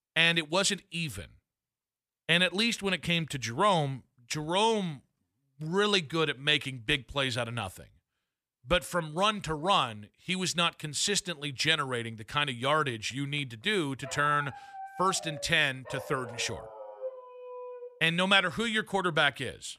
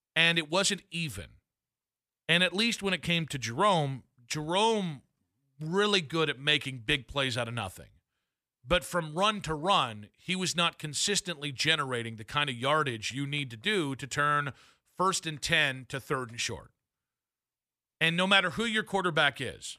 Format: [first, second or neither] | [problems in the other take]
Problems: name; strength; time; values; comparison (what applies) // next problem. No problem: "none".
second | dog barking; faint; from 14 to 18 s; peak 10 dB below the speech